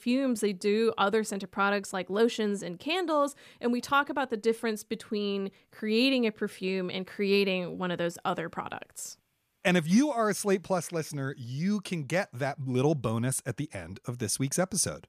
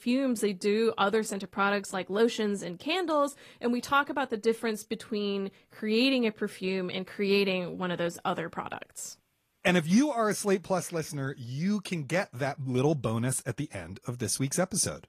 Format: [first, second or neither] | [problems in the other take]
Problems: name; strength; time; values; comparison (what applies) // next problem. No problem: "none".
first | garbled, watery; slightly; nothing above 14.5 kHz